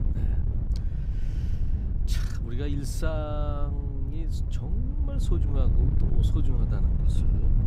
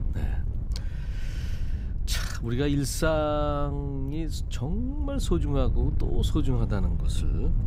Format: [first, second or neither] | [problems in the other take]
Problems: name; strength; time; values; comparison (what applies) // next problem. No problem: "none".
second | wind noise on the microphone; heavy; 4 dB below the speech; occasional gusts in the second